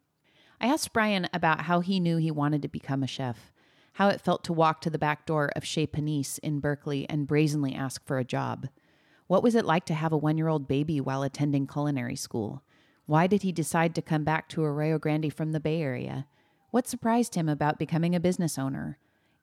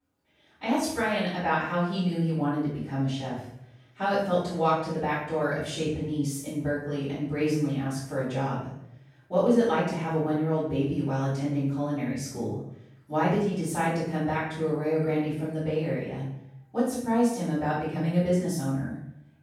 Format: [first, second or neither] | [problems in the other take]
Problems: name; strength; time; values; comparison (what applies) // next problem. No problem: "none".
first | off-mic speech; far // room echo; strong; dies away in 0.6 s